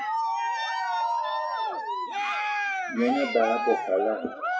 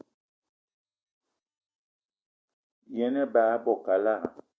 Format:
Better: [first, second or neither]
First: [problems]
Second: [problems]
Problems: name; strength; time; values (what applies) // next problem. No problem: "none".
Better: second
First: noise reduction (classical method WPE with log-MMSE)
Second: none